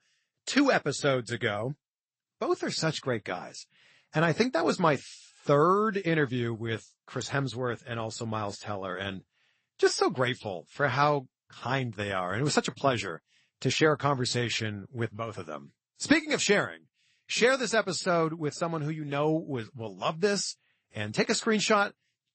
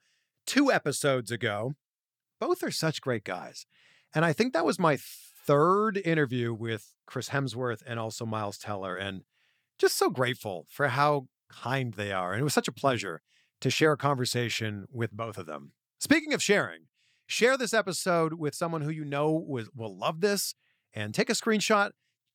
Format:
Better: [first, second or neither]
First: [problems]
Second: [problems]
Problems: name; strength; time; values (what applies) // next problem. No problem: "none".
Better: second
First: garbled, watery; slightly; nothing above 8 kHz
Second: none